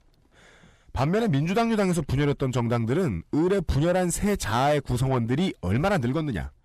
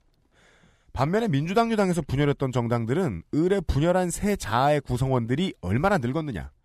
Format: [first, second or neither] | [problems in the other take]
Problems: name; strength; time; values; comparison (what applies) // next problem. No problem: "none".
second | distortion; slight; 10 dB below the speech